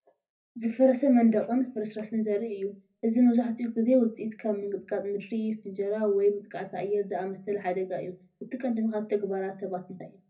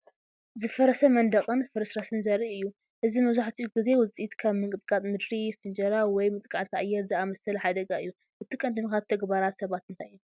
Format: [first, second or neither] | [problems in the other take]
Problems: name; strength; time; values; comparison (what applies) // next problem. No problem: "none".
second | room echo; dies away in 0.4 s